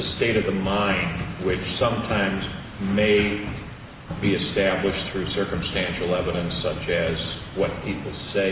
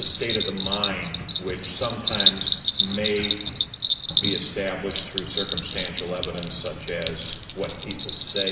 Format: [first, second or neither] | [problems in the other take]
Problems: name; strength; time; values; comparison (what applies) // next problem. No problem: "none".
first | background sound (Bell); 2 dB above the speech